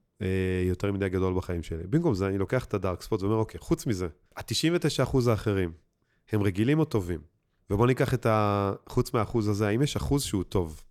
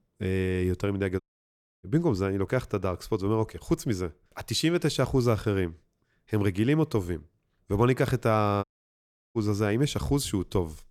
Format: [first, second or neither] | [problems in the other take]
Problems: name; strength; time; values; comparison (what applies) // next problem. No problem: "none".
first | audio cutting out; at 1 s for 0.5 s and at 8.5 s for 0.5 s